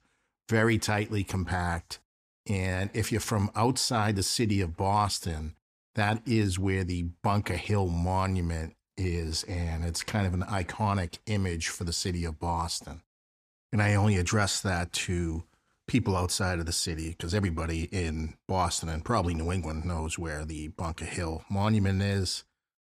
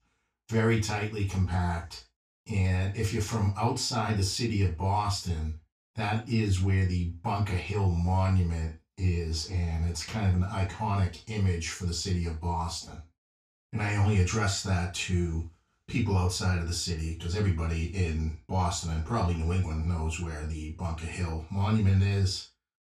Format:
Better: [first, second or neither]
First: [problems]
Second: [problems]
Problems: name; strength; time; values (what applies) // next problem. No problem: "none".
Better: first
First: none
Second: room echo; slight; dies away in 0.2 s // off-mic speech; far